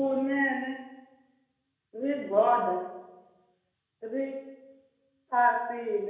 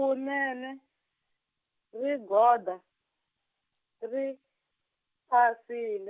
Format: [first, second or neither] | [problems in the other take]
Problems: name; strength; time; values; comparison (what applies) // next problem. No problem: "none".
second | room echo; dies away in 1.1 s